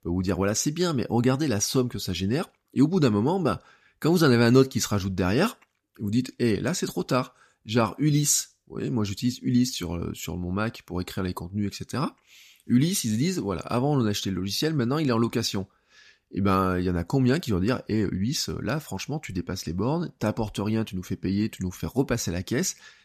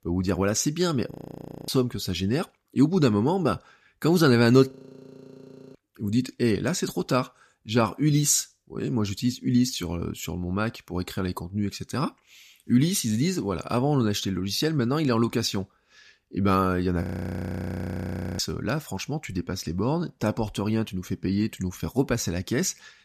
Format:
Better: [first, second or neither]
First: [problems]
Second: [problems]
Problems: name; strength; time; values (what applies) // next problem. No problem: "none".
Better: first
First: none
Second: audio freezing; at 1 s for 0.5 s, at 4.5 s for 1 s and at 17 s for 1.5 s